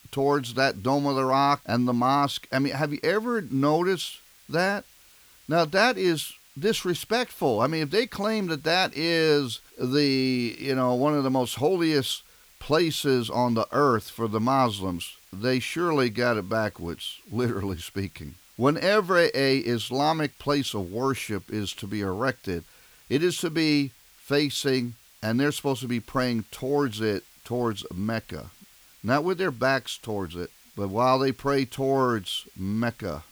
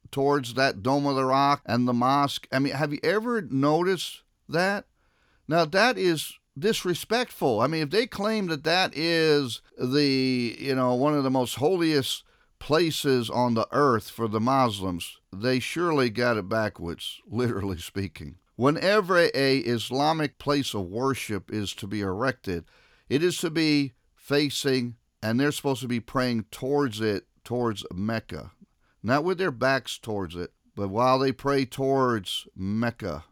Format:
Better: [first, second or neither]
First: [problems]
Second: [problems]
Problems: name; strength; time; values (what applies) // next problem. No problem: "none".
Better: second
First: hiss; faint; throughout; 25 dB below the speech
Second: none